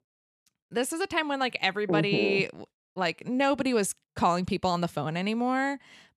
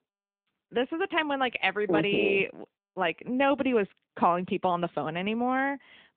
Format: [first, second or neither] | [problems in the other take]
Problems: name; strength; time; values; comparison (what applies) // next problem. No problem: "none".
first | phone-call audio